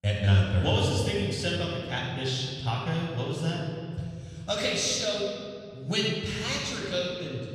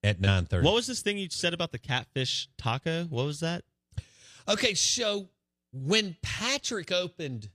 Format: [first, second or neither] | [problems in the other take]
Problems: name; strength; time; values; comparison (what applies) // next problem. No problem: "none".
second | off-mic speech; far // room echo; noticeable; dies away in 2.2 s